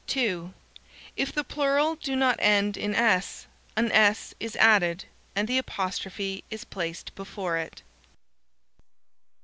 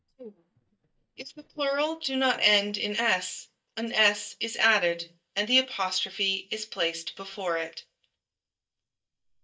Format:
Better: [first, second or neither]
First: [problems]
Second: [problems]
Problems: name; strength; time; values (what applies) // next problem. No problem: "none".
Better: first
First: none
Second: noise reduction (neural mask model DeepFilterNet 3)